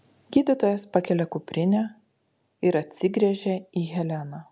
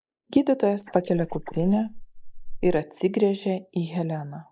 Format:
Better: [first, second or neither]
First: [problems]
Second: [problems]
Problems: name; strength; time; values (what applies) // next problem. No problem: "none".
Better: first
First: none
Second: noise reduction (neural mask model Resemble Enhance denoiser)